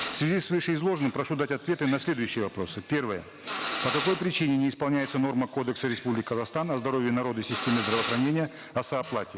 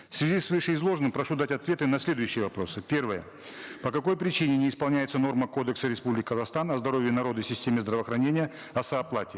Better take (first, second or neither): second